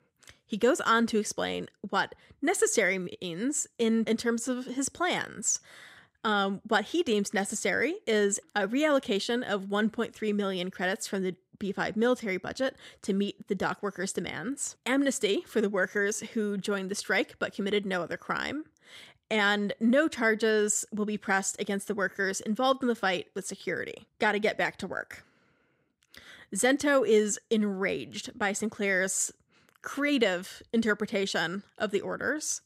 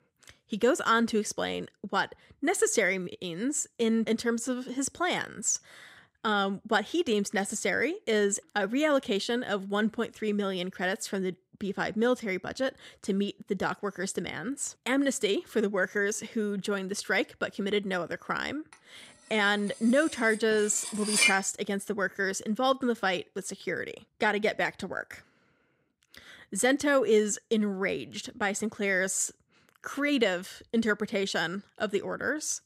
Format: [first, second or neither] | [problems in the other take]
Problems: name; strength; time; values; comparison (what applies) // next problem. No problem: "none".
first | clattering dishes; loud; at 21 s; peak 6 dB above the speech